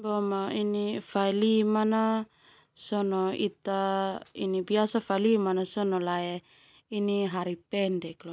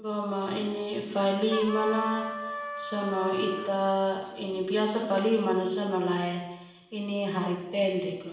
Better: first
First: none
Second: background sound (Trumpet); 9 dB below the speech // room echo; dies away in 0.9 s

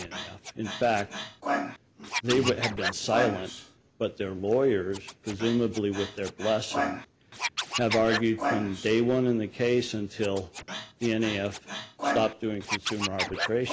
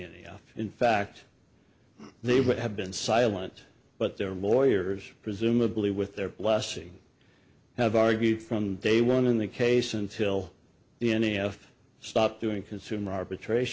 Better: second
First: background sound (Scratching (performance technique)); 6 dB below the speech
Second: none

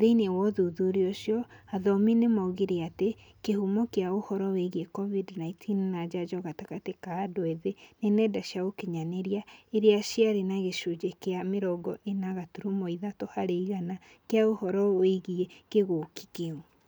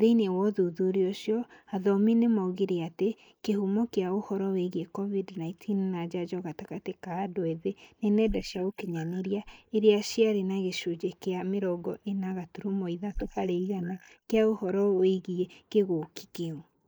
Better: first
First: none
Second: noise reduction (neural mask model Resemble Enhance denoiser)

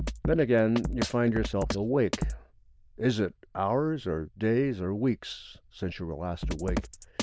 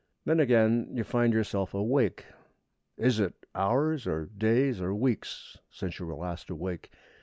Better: second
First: noise reduction (neural diffusion model UNIVERSE++)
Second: none

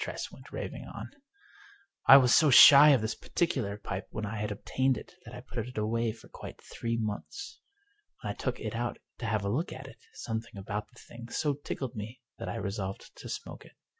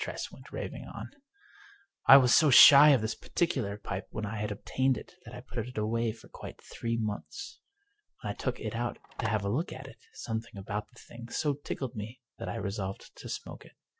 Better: first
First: none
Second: noise reduction (neural separator model SepFormer DNS4)

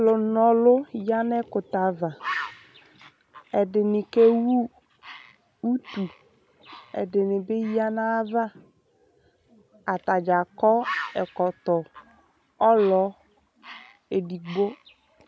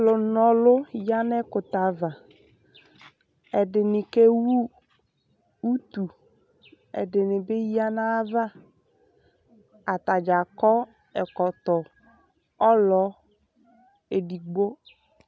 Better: second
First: background sound (Bird); 17 dB below the speech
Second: none

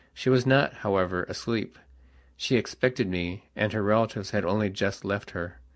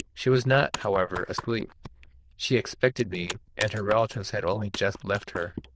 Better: first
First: none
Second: noise reduction (neural diffusion model UNIVERSE++)

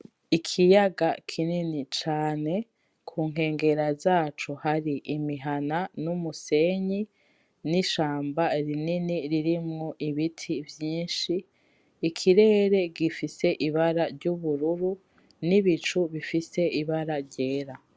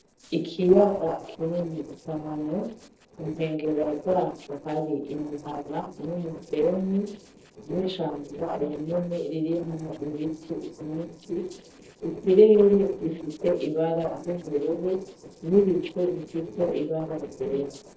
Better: first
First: none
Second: noise reduction (neural separator model SepFormer DNS4)

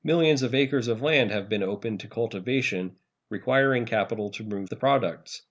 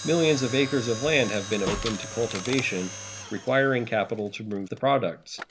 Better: first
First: none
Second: background sound (Mechanisms + Slam); 11 dB below the speech

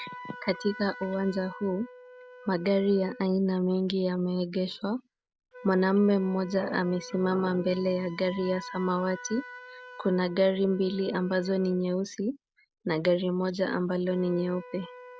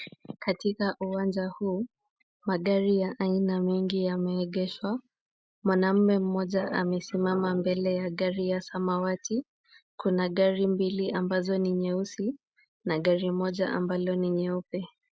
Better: second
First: background sound (Wind instrument, woodwind instrument); 19 dB below the speech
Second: none

